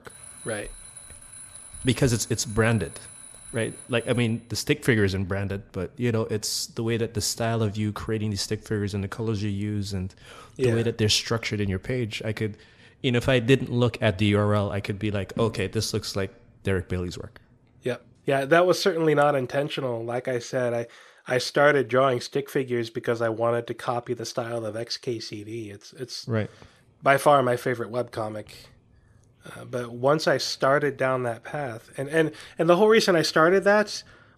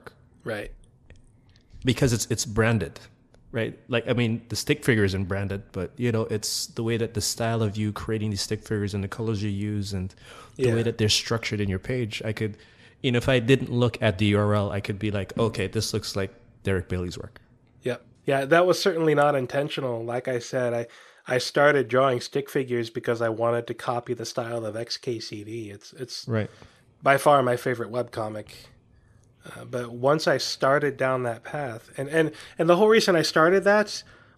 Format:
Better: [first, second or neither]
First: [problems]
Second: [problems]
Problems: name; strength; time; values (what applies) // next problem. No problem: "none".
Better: second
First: alarm; faint; until 4.5 s; peak 15 dB below the speech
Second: none